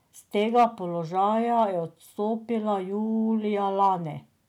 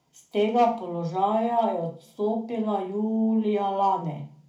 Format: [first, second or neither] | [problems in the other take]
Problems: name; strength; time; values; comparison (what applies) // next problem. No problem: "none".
first | room echo; dies away in 0.4 s